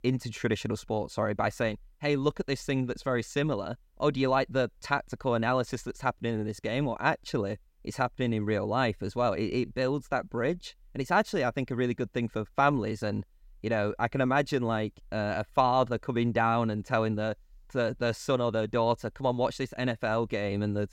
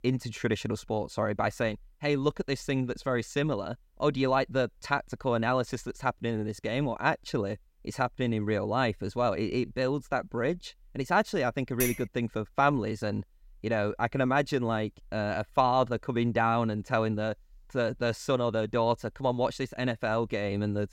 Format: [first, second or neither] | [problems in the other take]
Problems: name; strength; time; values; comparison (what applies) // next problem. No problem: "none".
first | clattering dishes; noticeable; at 12 s; peak 3 dB below the speech